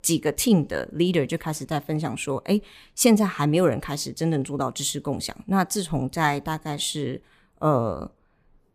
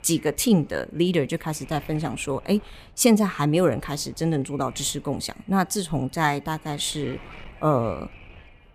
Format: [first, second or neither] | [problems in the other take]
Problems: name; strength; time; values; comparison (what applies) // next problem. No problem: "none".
first | wind noise on the microphone; occasional gusts; 20 dB below the speech